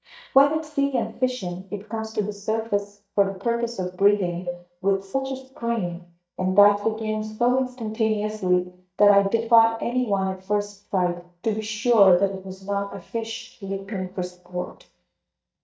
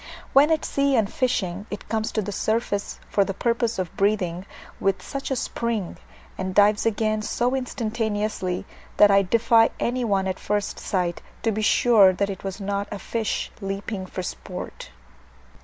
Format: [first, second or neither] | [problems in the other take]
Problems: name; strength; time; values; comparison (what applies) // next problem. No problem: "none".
second | noise reduction (neural mask model DeepFilterNet 3)